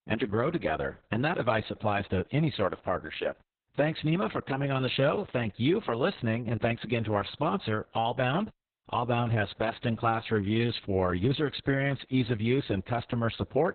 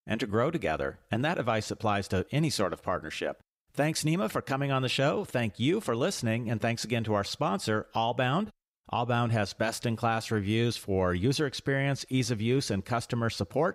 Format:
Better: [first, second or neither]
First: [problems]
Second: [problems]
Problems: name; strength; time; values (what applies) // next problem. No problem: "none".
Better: second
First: garbled, watery; badly; nothing above 4 kHz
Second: none